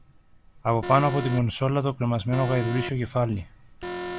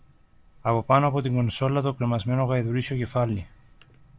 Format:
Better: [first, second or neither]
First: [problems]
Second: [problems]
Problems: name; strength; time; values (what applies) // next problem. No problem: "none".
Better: second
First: background sound (Alarm); 11 dB below the speech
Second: none